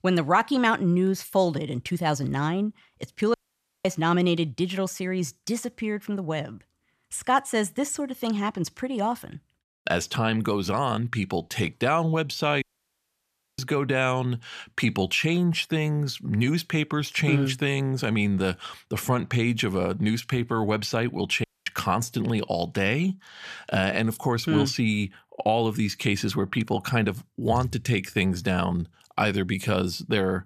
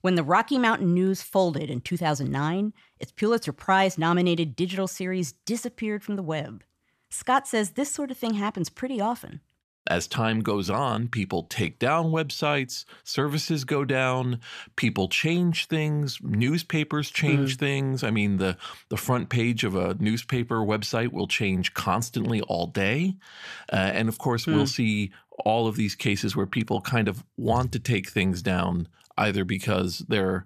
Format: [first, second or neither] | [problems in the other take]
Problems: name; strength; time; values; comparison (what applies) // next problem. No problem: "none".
second | audio cutting out; at 3.5 s for 0.5 s, at 13 s for 1 s and at 21 s